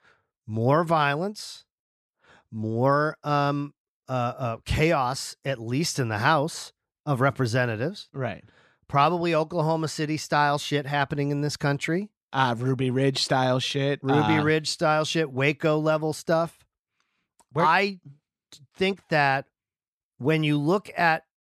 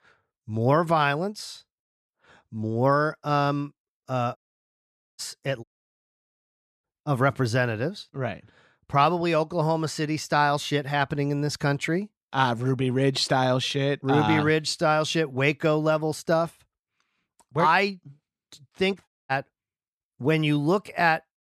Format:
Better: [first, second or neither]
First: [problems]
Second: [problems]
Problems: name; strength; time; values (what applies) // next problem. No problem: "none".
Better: first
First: none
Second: audio cutting out; at 4.5 s for 1 s, at 5.5 s for 1 s and at 19 s